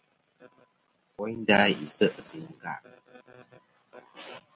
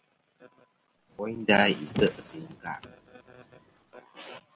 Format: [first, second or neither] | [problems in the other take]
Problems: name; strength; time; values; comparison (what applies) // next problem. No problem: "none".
first | background sound (Car); 11 dB below the speech